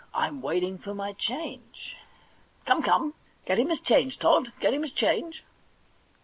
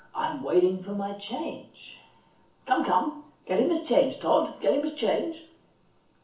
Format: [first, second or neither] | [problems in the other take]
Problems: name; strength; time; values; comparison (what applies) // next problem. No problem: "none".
first | room echo; dies away in 0.7 s